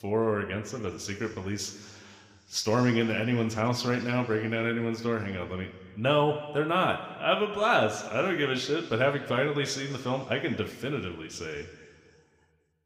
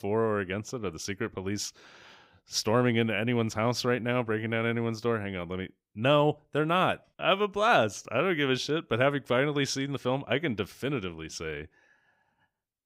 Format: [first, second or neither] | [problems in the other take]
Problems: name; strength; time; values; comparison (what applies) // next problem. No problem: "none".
second | room echo; very slight; dies away in 1.7 s